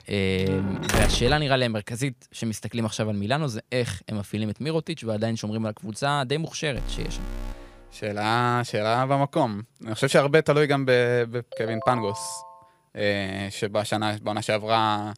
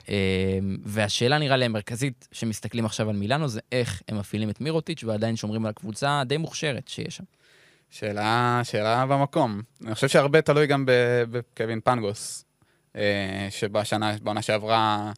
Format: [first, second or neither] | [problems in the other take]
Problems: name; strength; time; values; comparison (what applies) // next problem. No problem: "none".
second | door banging; loud; at 0.5 s; peak 1 dB above the speech // alarm; faint; from 7 to 8 s; peak 10 dB below the speech // phone ringing; noticeable; from 12 to 13 s; peak 9 dB below the speech